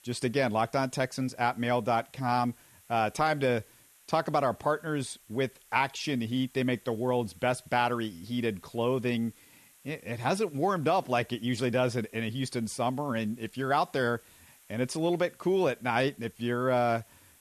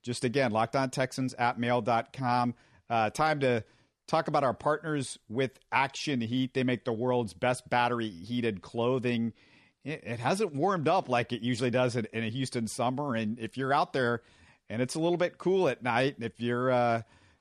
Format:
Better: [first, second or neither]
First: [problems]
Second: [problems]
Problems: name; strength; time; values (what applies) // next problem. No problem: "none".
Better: second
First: hiss; faint; throughout; 25 dB below the speech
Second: none